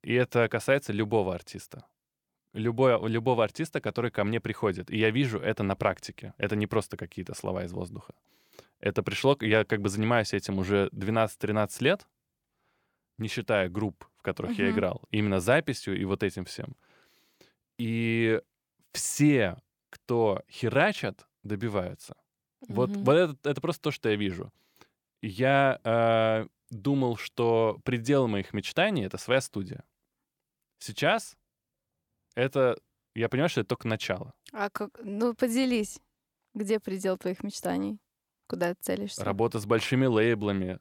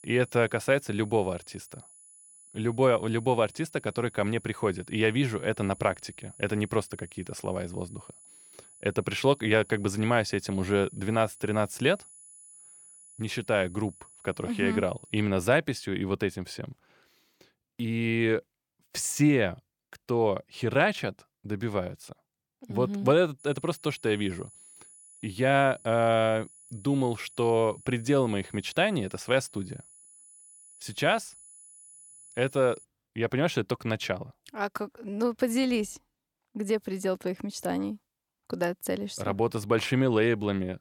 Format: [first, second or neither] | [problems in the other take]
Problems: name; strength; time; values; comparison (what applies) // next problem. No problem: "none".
first | high-pitched whine; faint; until 15 s and from 23 to 33 s; 10 kHz, 20 dB below the speech